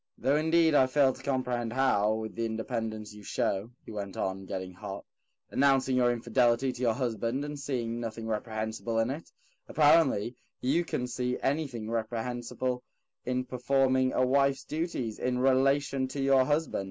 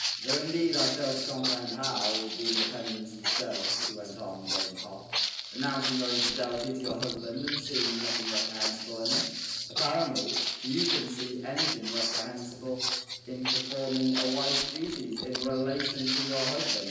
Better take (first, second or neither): first